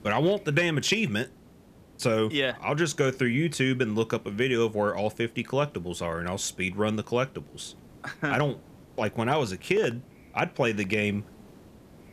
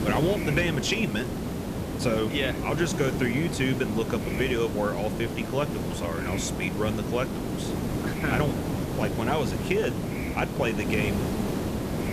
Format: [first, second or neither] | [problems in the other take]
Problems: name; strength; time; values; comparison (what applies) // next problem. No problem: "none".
first | hiss; loud; throughout; 2 dB below the speech; faint in the first